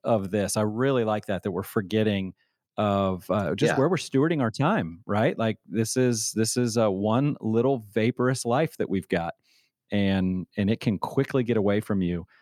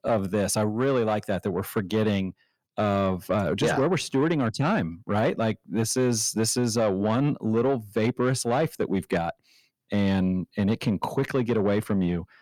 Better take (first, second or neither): first